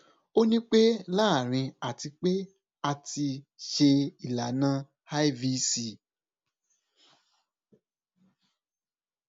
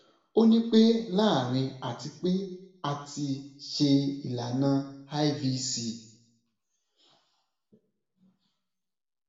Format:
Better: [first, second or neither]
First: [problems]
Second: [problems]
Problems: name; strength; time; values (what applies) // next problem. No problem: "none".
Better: first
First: none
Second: room echo; dies away in 0.8 s